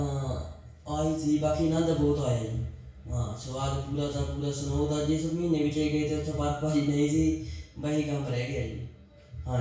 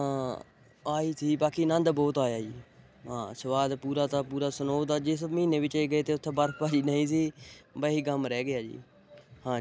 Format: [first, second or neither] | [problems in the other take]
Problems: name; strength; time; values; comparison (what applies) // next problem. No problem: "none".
second | room echo; dies away in 0.6 s